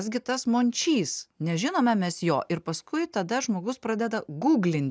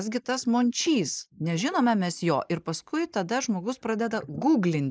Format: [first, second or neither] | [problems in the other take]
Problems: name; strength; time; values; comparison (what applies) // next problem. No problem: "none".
first | noise reduction (neural mask model Resemble Enhance denoiser)